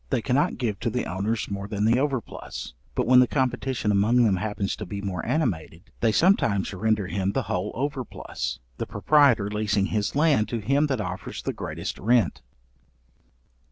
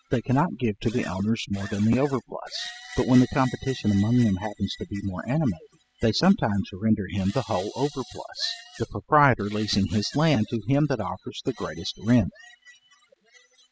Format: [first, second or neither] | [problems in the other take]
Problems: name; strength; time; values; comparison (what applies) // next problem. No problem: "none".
first | noise reduction (classical method spectral subtraction)